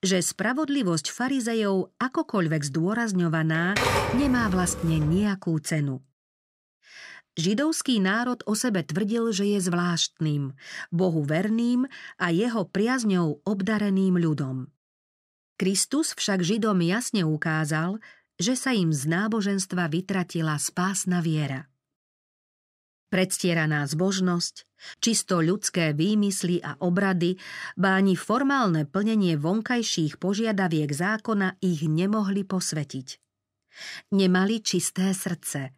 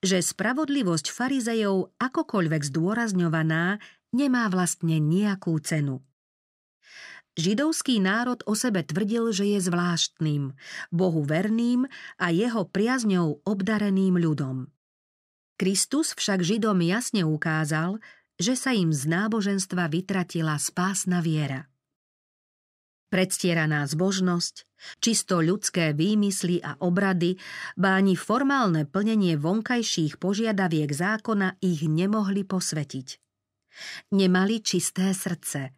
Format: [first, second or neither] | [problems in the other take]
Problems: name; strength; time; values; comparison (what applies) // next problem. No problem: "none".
second | keyboard typing; loud; from 3.5 to 5 s; peak 2 dB above the speech